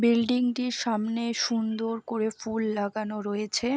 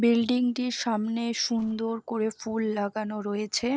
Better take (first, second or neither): first